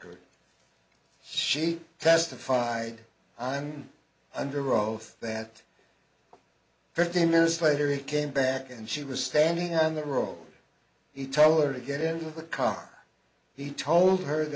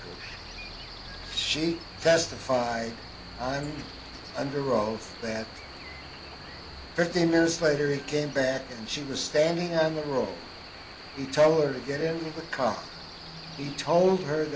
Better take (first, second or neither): first